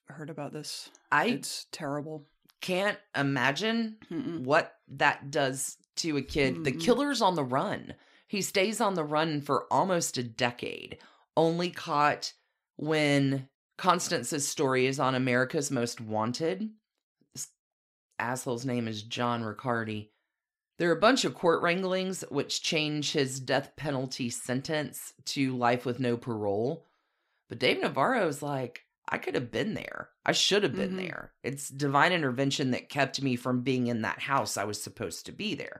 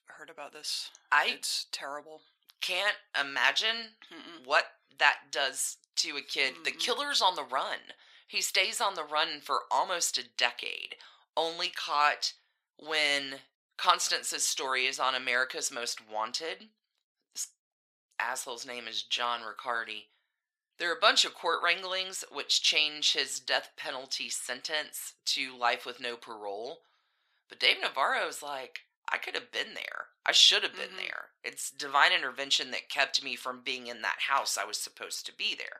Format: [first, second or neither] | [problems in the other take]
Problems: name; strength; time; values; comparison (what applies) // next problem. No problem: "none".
first | thin; very; fading below 850 Hz